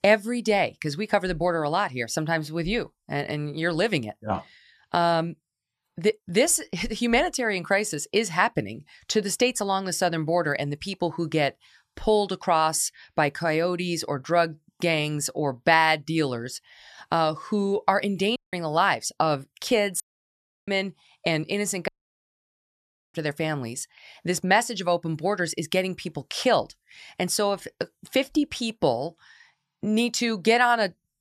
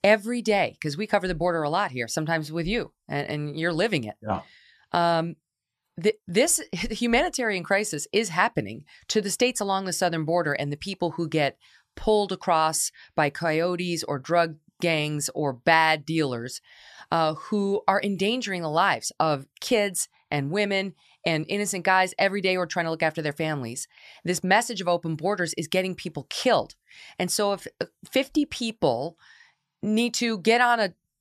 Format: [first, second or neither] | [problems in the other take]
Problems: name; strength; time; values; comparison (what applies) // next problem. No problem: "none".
second | audio cutting out; at 18 s, at 20 s for 0.5 s and at 22 s for 1.5 s